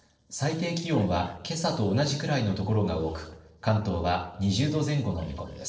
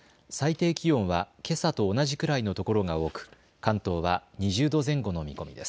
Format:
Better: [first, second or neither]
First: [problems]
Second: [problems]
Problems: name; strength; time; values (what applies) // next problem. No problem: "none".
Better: second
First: noise reduction (neural separator model SepFormer DNS4)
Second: none